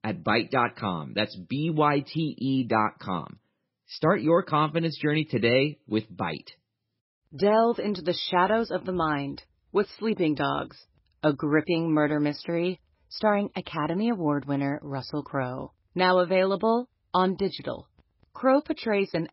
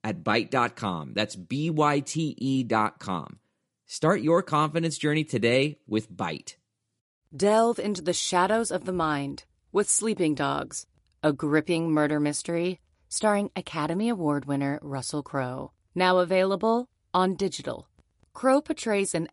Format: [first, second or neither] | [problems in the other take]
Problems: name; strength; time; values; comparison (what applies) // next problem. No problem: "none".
second | garbled, watery; badly; nothing above 5.5 kHz; slightly in the second